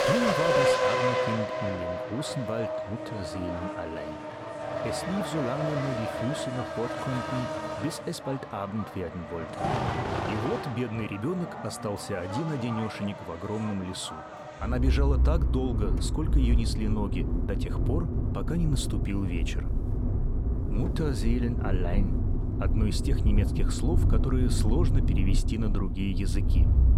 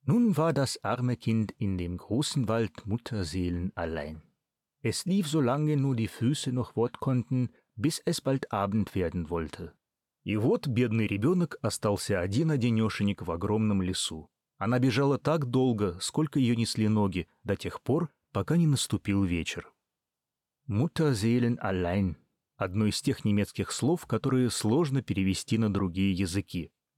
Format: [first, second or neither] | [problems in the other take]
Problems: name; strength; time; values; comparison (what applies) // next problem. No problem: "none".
second | traffic noise; very loud; throughout; 4 dB above the speech